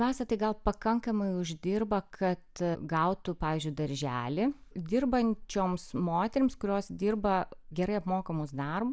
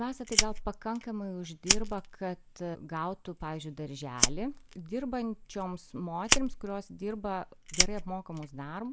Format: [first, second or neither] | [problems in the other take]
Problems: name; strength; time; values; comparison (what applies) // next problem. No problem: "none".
first | background sound (Fire); 3 dB above the speech